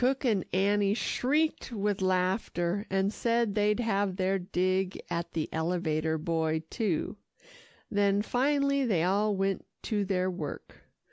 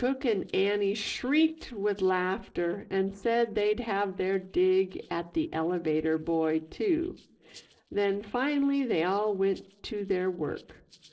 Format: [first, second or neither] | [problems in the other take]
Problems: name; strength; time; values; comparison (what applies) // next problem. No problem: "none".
first | noise reduction (neural separator model SepFormer DNS4)